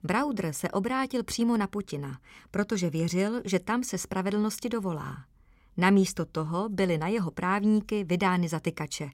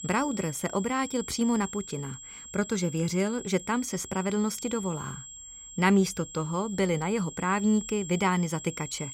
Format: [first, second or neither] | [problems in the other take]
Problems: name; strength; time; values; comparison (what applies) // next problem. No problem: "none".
first | high-pitched whine; noticeable; throughout; 7.5 kHz, 10 dB below the speech